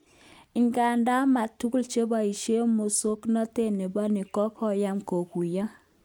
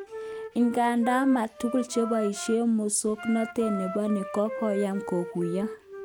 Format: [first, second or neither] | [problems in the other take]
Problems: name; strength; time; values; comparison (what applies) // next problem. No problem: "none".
first | background sound (Wind instrument, woodwind instrument); 11 dB below the speech